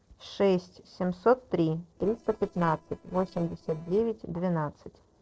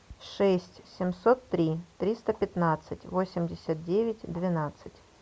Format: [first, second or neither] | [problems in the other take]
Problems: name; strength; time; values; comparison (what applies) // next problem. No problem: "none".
second | noise reduction (neural separator model SepFormer DNS4)